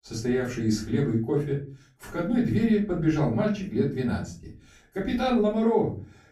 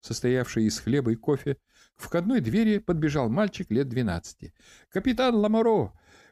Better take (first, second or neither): second